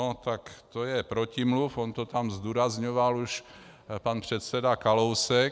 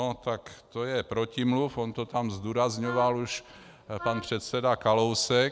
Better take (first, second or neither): first